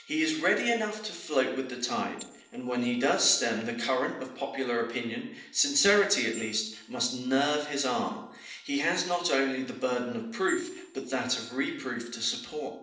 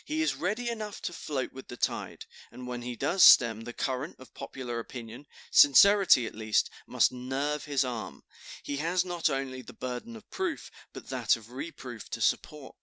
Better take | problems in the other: second | noise reduction (neural separator model SepFormer DNS4)

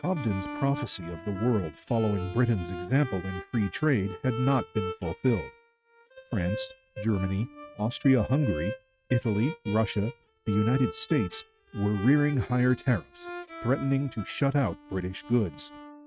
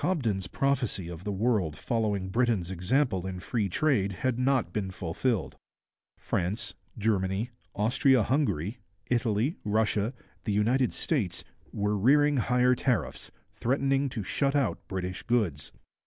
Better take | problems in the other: second | noise reduction (neural mask model RNNoise)

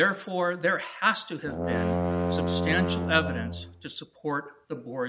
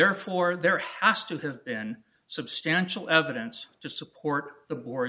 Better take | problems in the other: second | background sound (Brass instrument); as loud as the speech

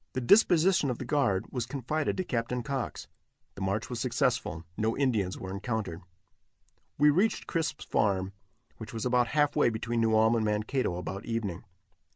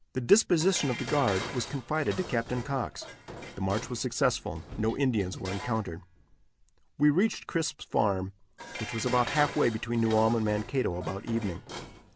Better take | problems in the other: first | background sound (Dishes, pots, and pans); 13 dB below the speech

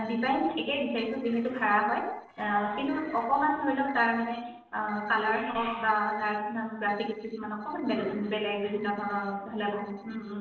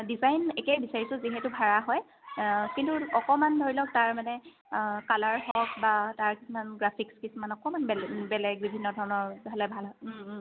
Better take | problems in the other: second | noise reduction (neural separator model SepFormer DNS4)

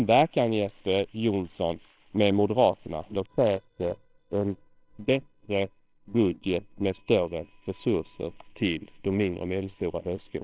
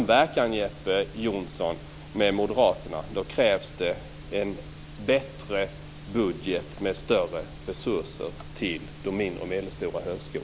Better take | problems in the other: second | noise reduction (neural separator model SepFormer WHAMR!)

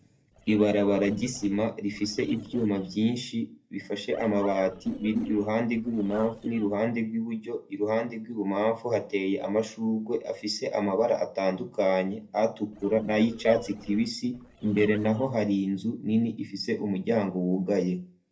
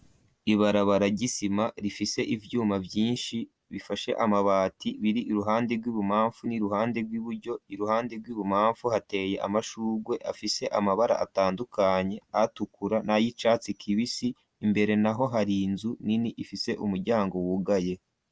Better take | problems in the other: second | noise reduction (neural separator model SepFormer DNS4)

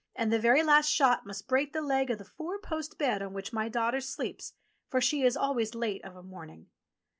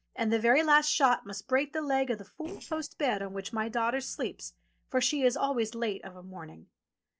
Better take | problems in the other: first | noise reduction (neural separator model SepFormer DNS4)

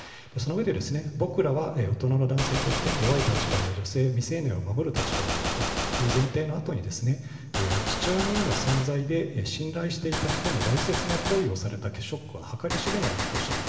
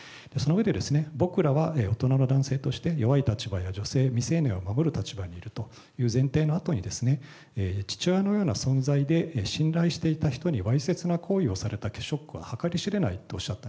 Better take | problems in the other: second | background sound (Gunshot, gunfire); 4 dB below the speech // room echo; dies away in 2.8 s

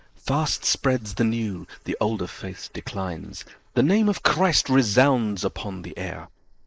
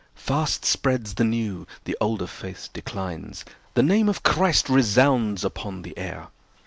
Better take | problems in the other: second | noise reduction (neural mask model Resemble Enhance denoiser)

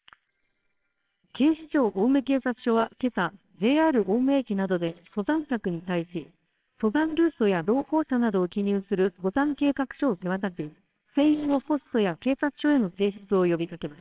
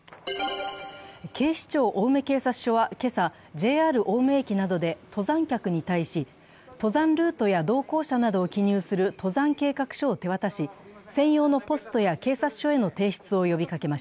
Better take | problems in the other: second | noise reduction (neural separator model SepFormer WHAMR!)

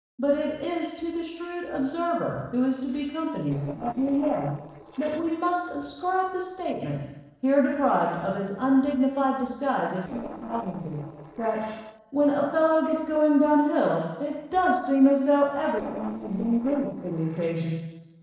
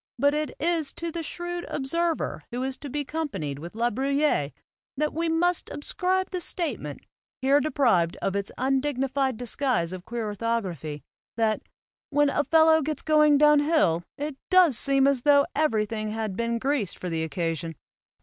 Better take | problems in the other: second | noise reduction (neural separator model SepFormer DNS4)

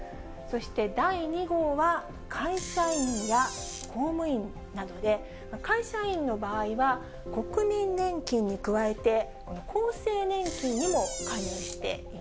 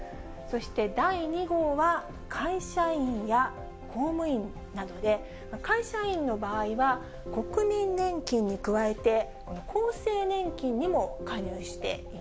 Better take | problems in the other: second | background sound (Door); 9 dB below the speech

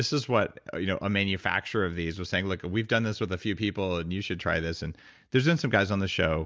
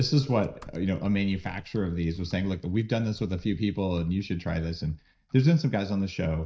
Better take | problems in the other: first | noise reduction (neural mask model DeepFilterNet 3)

